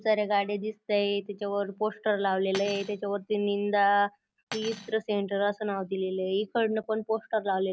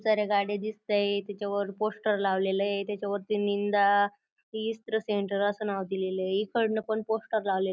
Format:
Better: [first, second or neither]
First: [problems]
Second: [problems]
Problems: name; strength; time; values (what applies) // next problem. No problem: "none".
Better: second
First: background sound (Cutlery, silverware); 18 dB below the speech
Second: none